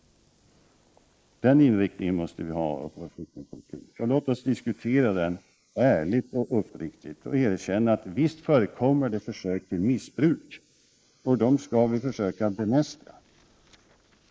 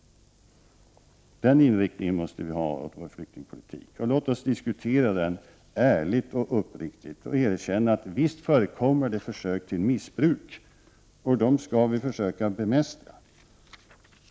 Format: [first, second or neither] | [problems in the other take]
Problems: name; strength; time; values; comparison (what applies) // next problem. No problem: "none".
second | noise reduction (neural mask model Resemble Enhance denoiser)